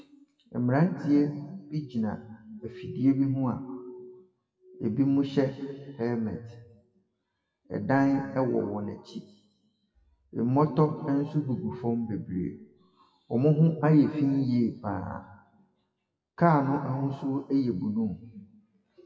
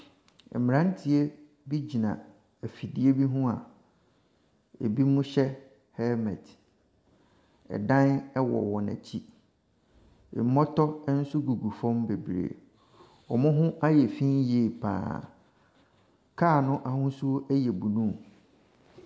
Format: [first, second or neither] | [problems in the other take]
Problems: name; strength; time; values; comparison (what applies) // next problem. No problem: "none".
second | noise reduction (classical method WPE with log-MMSE)